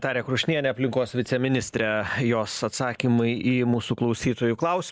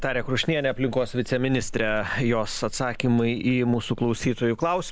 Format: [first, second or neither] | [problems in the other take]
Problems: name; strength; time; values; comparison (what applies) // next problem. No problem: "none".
first | background sound (Chewing, mastication / Livestock, farm animals, working animals); 12 dB below the speech